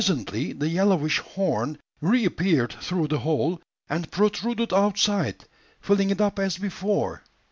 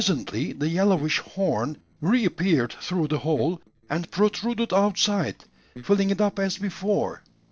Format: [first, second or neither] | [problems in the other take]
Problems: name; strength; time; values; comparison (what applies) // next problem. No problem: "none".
first | noise reduction (neural separator model SepFormer DNS4)